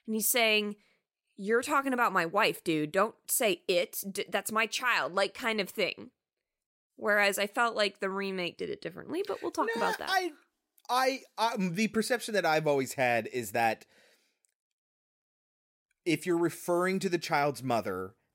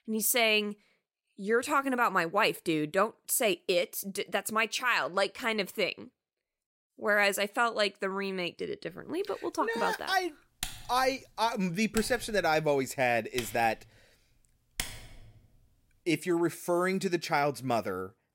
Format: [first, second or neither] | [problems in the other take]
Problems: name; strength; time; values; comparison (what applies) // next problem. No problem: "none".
first | keyboard typing; noticeable; from 11 to 15 s; peak 8 dB below the speech